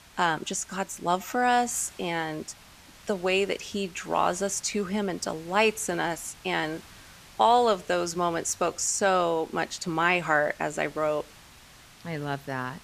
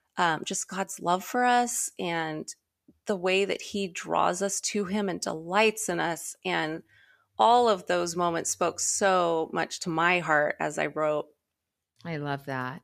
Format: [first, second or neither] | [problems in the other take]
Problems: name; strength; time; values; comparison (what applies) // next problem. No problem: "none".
second | hiss; faint; throughout; 25 dB below the speech